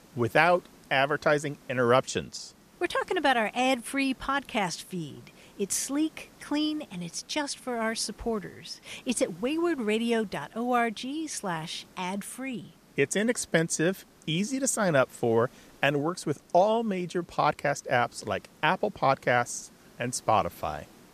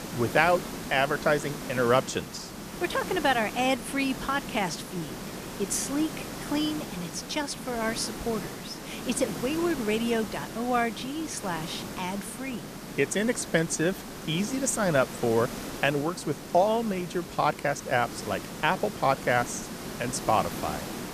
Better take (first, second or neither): first